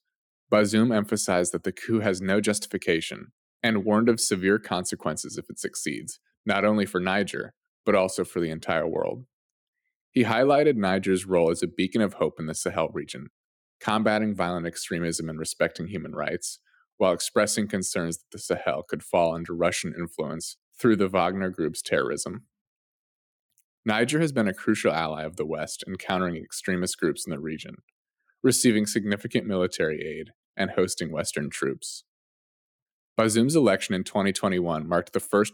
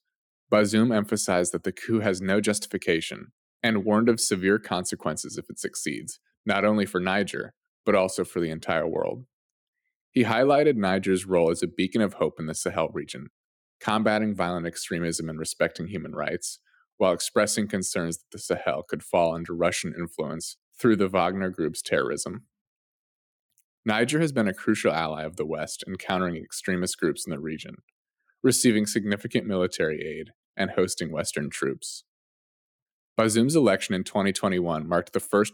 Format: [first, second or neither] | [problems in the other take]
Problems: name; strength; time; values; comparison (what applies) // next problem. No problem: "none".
neither | none